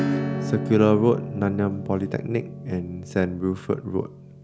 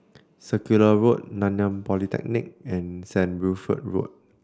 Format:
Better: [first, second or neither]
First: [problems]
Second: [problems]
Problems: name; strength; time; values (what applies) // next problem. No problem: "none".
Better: second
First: background sound (Acoustic guitar / Strum); 6 dB below the speech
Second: none